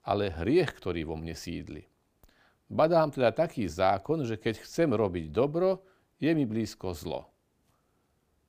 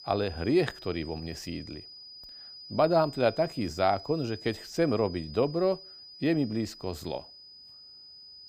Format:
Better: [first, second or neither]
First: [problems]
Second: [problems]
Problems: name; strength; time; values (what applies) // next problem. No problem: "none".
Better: first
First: none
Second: high-pitched whine; noticeable; throughout; 5 kHz, 15 dB below the speech